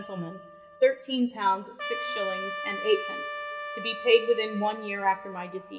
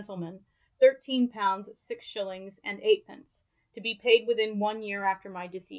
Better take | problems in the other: second | background sound (Trumpet); 9 dB below the speech // room echo; dies away in 2.8 s

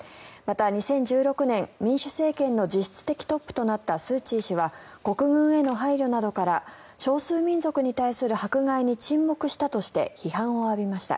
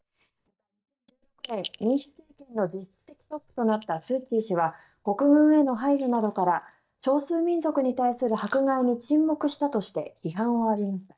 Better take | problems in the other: first | noise reduction (neural mask model DeepFilterNet 3)

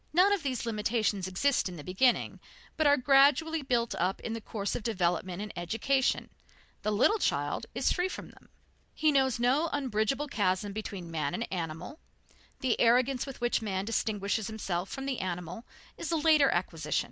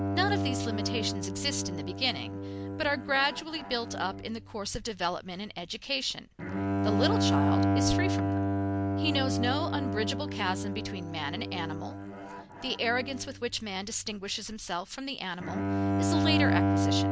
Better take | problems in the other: first | background sound (Bowed string instrument); 3 dB above the speech

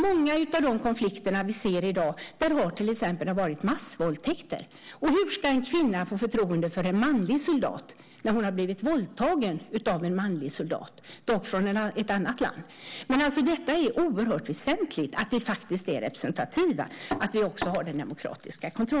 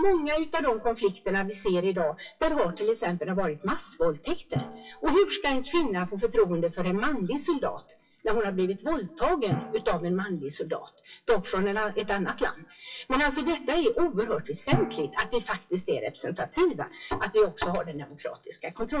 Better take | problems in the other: first | noise reduction (classical method WPE with log-MMSE)

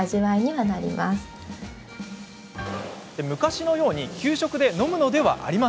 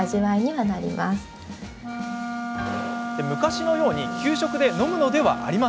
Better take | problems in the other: first | background sound (Wind instrument, woodwind instrument); 7 dB below the speech

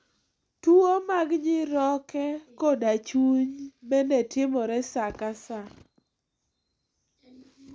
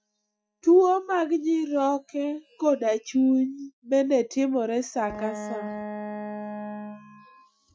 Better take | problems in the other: first | noise reduction (classical method Wiener filter)

